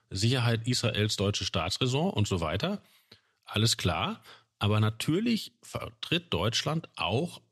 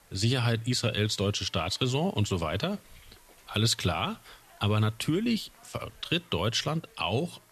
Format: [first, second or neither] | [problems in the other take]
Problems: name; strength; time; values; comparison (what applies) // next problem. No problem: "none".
first | hiss; faint; throughout; 25 dB below the speech